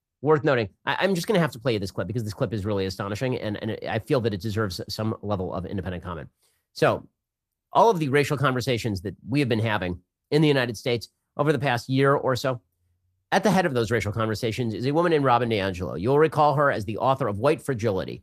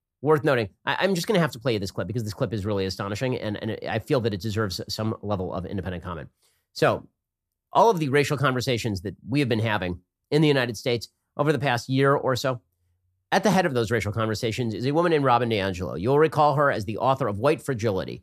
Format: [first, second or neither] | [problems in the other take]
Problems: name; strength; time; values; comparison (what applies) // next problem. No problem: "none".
second | garbled, watery; slightly; nothing above 14.5 kHz